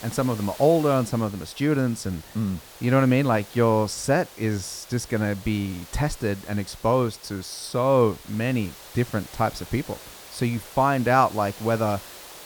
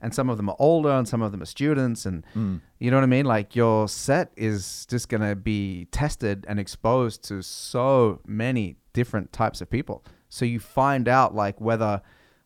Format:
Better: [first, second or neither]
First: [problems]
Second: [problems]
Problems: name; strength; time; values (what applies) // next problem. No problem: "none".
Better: second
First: hiss; noticeable; throughout; 20 dB below the speech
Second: none